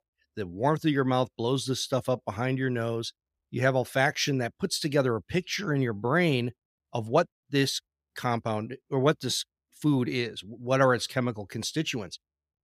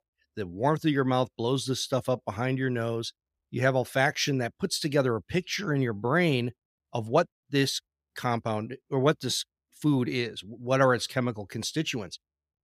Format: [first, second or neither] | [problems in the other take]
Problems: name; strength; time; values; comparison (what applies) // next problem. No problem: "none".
neither | none